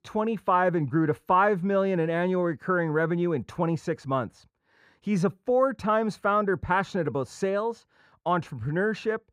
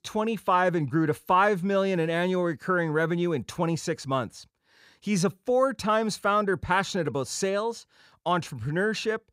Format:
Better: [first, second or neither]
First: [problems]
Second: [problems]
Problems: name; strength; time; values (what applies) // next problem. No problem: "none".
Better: second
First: muffled; slightly; fading above 2.5 kHz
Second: none